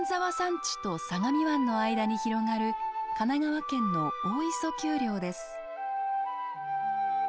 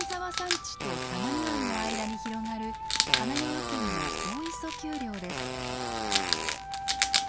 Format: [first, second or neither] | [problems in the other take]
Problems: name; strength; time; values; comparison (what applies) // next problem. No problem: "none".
first | background sound (Wild animals + Fart); 2 dB above the speech